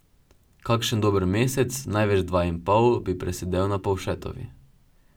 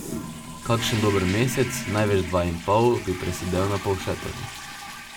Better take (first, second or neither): first